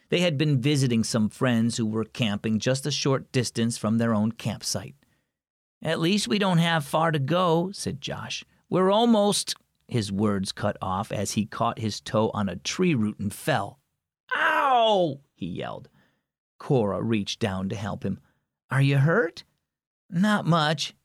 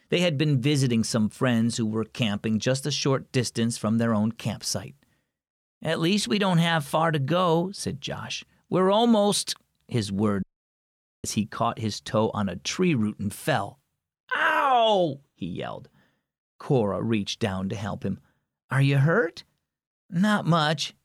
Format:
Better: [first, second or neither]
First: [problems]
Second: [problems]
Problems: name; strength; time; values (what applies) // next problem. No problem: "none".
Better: first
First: none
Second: audio cutting out; at 10 s for 1 s